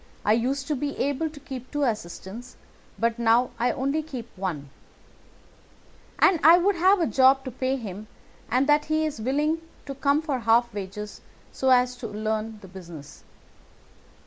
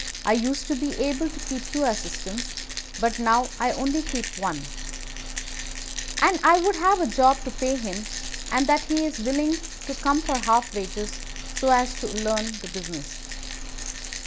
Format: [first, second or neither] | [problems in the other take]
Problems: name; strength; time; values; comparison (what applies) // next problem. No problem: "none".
first | background sound (Rattle); 7 dB below the speech